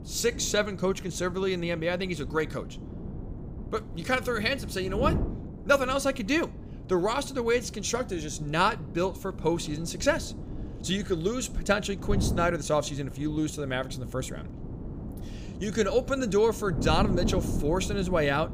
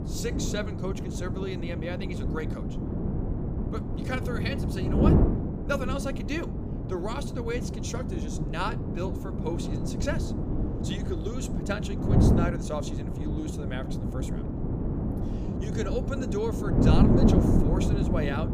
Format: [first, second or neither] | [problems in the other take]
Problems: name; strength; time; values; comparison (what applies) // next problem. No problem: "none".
first | wind noise on the microphone; heavy; as loud as the speech; occasional gusts in the first